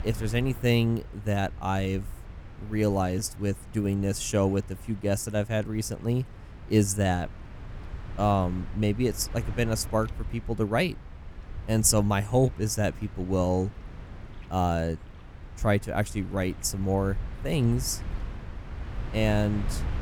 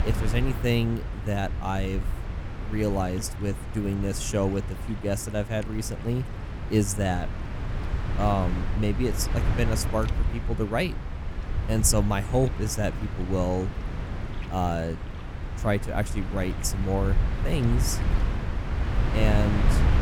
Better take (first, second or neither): first